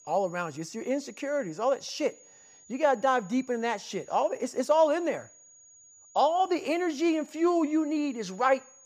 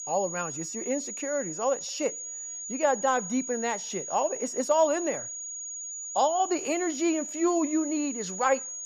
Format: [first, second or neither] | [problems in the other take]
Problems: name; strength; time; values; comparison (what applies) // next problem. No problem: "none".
first | high-pitched whine; loud; throughout; 7 kHz, 6 dB below the speech; faint in the first